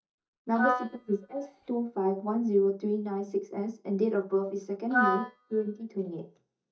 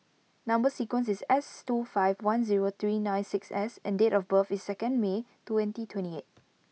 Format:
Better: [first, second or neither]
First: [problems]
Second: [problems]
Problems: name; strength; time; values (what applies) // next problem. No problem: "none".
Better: second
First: noise reduction (neural mask model DeepFilterNet 3)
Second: none